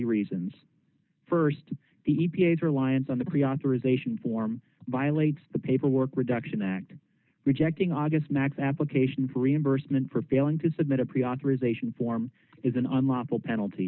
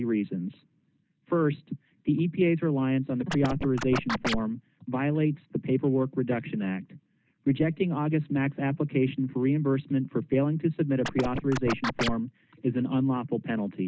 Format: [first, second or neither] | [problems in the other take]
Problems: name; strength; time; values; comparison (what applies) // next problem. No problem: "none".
first | background sound (Scratching (performance technique)); 4 dB below the speech